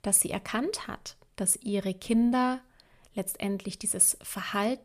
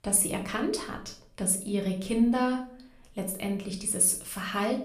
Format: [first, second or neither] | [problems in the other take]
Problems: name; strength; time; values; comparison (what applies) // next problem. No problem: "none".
first | room echo; slight; dies away in 0.4 s // off-mic speech; somewhat distant